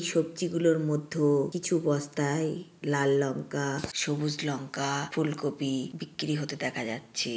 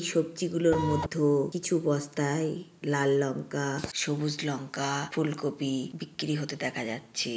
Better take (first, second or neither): first